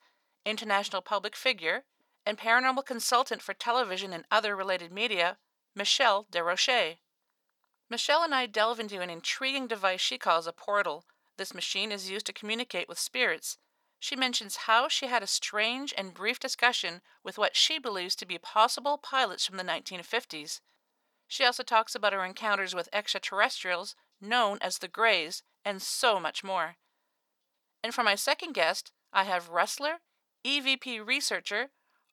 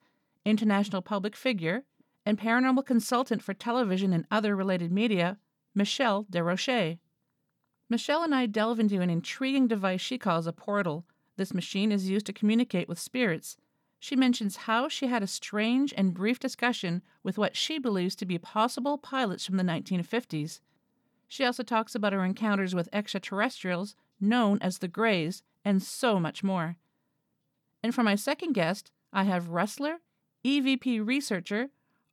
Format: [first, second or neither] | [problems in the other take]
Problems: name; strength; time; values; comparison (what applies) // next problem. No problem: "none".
second | thin; very; fading below 750 Hz